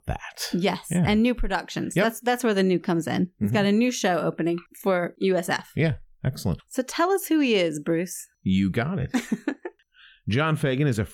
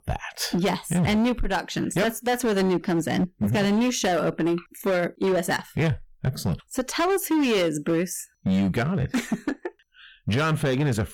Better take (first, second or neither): first